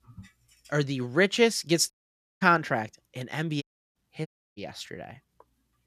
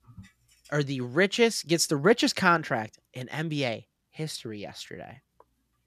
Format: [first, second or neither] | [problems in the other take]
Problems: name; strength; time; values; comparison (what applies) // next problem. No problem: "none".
second | audio cutting out; at 2 s for 0.5 s, at 3.5 s and at 4.5 s